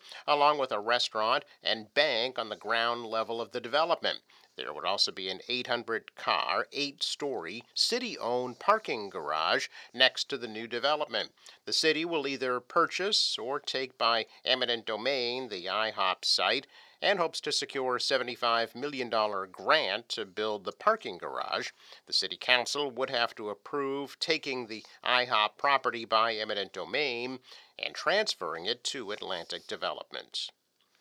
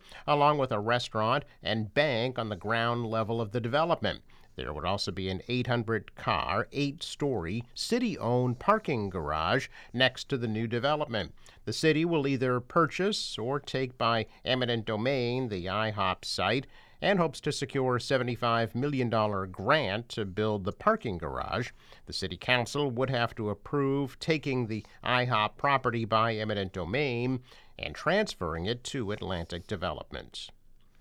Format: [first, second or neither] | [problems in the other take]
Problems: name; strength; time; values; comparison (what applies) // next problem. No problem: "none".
second | thin; somewhat; fading below 400 Hz